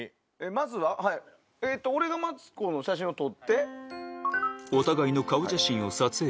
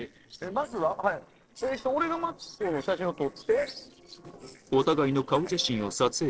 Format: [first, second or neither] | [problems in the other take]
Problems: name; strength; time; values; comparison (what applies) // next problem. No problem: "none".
first | noise reduction (neural separator model SepFormer DNS4)